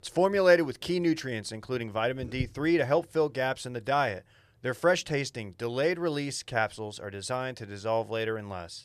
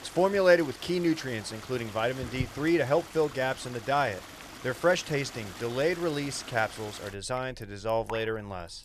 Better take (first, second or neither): first